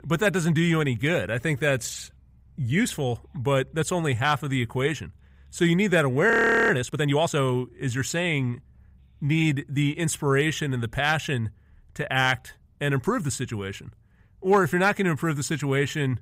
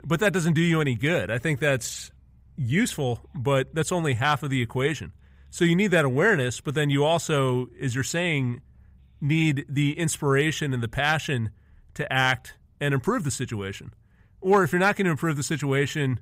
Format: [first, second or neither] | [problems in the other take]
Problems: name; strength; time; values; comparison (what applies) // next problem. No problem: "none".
second | audio freezing; at 6.5 s